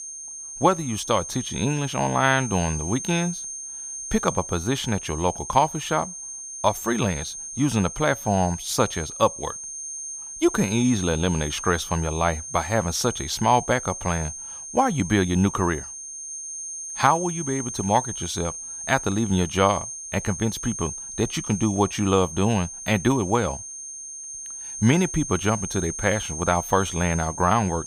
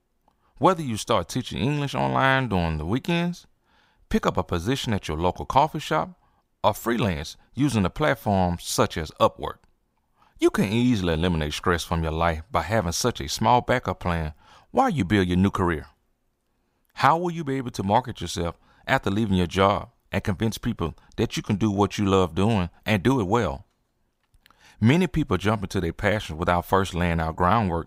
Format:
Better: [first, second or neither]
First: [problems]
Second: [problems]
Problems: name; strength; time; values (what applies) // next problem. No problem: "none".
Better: second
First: high-pitched whine; loud; throughout; 6.5 kHz, 8 dB below the speech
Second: none